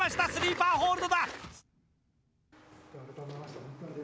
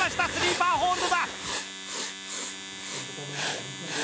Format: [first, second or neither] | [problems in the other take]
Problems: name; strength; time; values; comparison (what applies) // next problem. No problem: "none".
first | background sound (Domestic sounds, home sounds + Writing); 3 dB below the speech